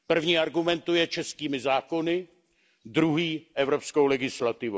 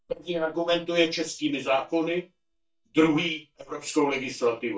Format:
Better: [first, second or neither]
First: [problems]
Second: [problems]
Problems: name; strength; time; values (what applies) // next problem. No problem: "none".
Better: first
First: none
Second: noise reduction (neural mask model DeepFilterNet 3)